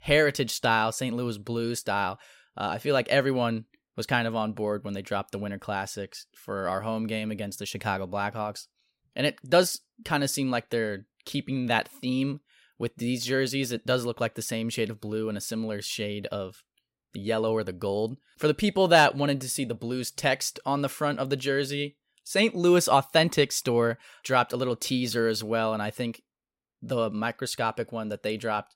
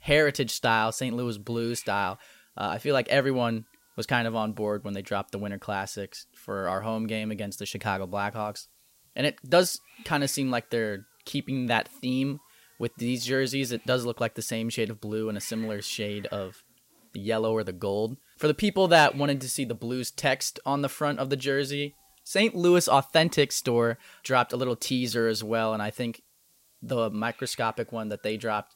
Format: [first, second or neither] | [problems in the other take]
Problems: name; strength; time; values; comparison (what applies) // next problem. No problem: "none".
first | hiss; faint; throughout; 30 dB below the speech